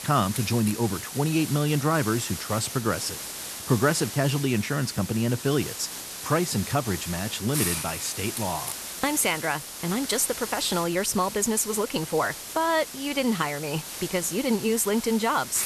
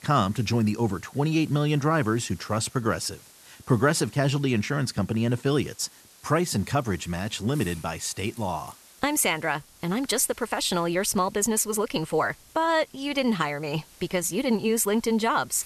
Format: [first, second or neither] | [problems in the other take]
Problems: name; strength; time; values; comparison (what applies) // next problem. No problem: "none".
second | hiss; loud; throughout; 7 dB below the speech; faint in the second